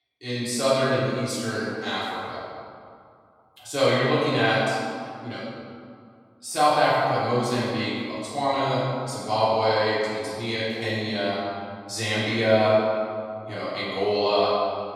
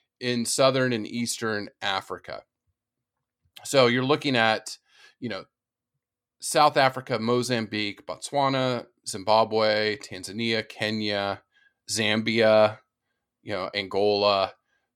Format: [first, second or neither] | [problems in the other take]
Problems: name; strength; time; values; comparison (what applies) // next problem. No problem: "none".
second | room echo; strong; dies away in 1.9 s // off-mic speech; far